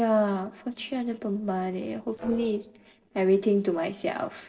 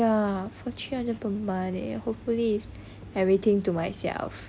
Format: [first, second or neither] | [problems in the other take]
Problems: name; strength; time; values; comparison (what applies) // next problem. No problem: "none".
second | noise reduction (neural separator model SepFormer DNS4)